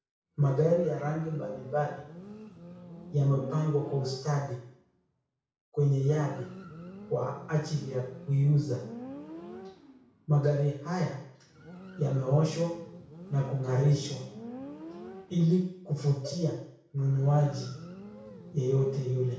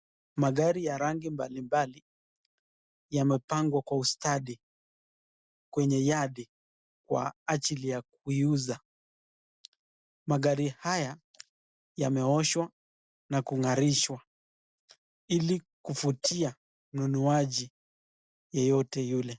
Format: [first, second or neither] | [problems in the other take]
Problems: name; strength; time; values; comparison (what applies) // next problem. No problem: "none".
second | background sound (Motorcycle); 16 dB below the speech // room echo; dies away in 0.6 s